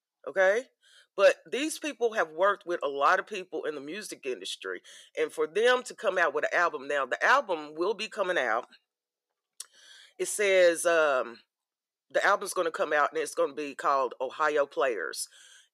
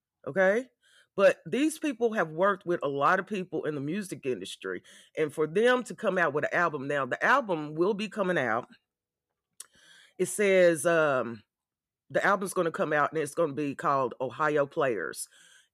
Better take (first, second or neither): second